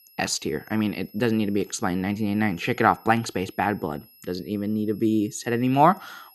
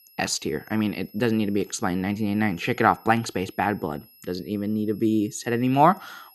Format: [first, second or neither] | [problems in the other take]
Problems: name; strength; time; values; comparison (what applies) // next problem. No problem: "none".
neither | high-pitched whine; faint; throughout; 11.5 kHz, 25 dB below the speech; the same in both